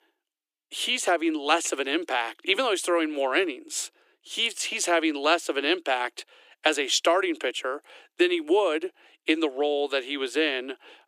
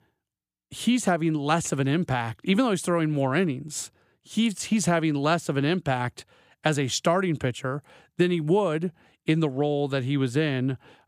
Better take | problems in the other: second | thin; very; fading below 300 Hz

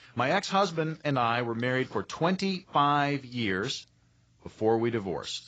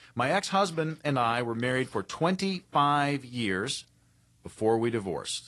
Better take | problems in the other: second | garbled, watery; badly; nothing above 7.5 kHz; slightly in the second

